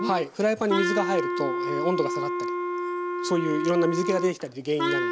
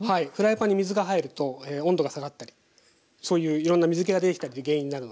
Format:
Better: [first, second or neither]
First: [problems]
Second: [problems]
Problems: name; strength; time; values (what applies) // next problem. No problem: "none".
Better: second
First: background sound (Wind instrument, woodwind instrument); 2 dB below the speech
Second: none